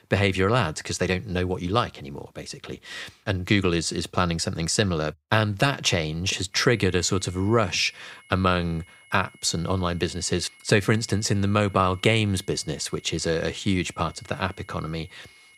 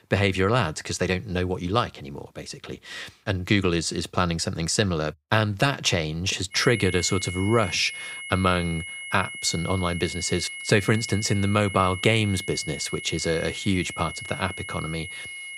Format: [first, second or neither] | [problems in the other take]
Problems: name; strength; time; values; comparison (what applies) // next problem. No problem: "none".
first | high-pitched whine; loud; from 6.5 s on; 2 kHz, 9 dB below the speech; faint in the first